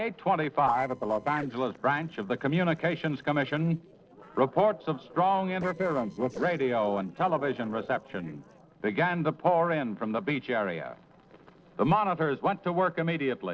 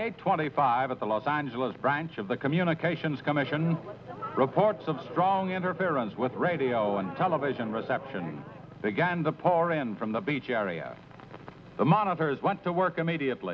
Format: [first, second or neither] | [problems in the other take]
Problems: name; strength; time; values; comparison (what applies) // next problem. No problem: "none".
second | noise reduction (neural separator model SepFormer DNS4)